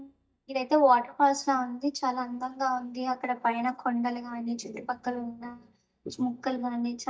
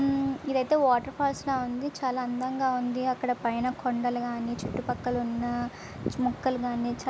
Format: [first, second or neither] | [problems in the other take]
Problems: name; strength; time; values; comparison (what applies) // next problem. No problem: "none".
second | noise reduction (neural mask model DeepFilterNet 3)